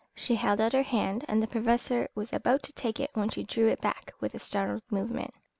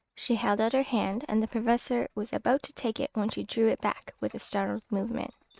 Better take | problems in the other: first | noise reduction (neural mask model RNNoise)

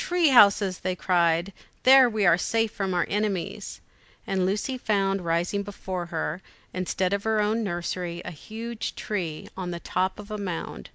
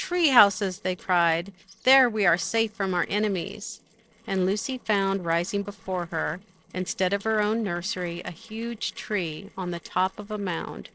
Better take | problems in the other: first | noise reduction (neural separator model SepFormer DNS4)

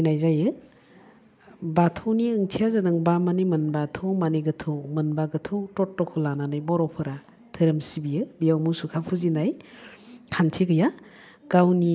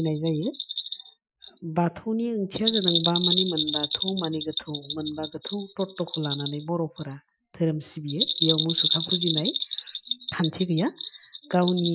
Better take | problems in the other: first | noise reduction (classical method Wiener filter)

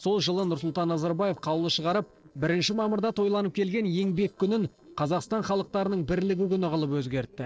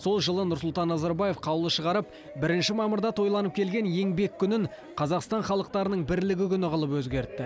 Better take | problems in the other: second | noise reduction (neural separator model SepFormer DNS4)

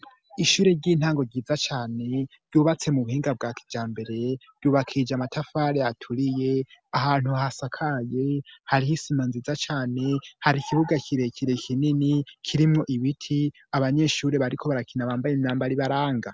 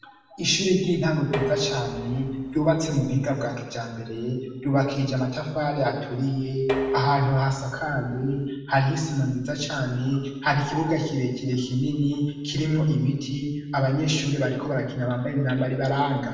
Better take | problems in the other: first | background sound (Dishes, pots, and pans); 9 dB below the speech // room echo; dies away in 1.1 s

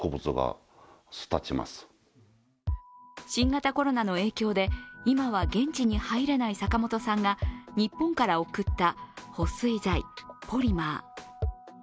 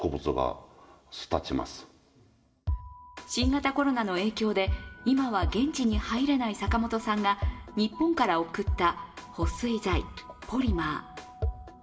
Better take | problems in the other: first | room echo; dies away in 1 s

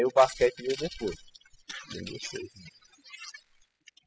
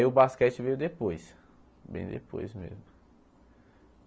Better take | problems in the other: second | noise reduction (classical method spectral subtraction)

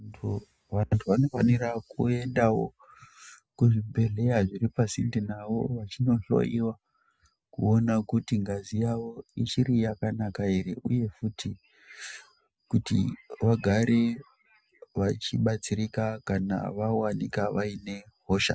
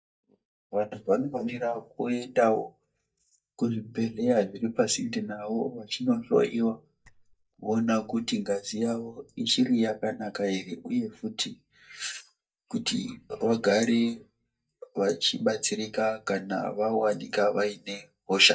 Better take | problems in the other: first | noise reduction (neural mask model DeepFilterNet 3)

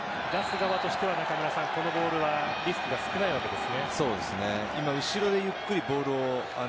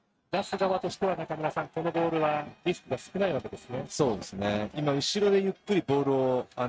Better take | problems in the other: first | noise reduction (neural mask model RNNoise)

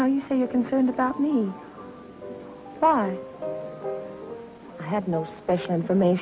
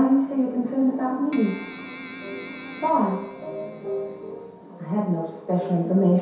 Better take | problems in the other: first | background sound (Keyboard (musical)); 16 dB below the speech // room echo; dies away in 0.7 s

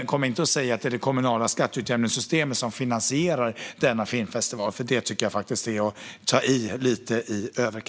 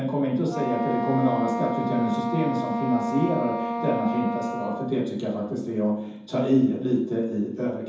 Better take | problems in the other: first | background sound (Wind instrument, woodwind instrument); 6 dB below the speech // room echo; dies away in 0.9 s

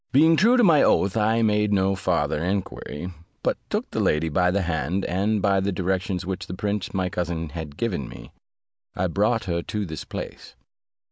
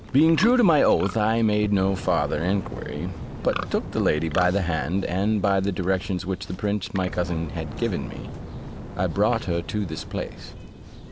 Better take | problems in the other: first | background sound (Fire + Livestock, farm animals, working animals); 11 dB below the speech

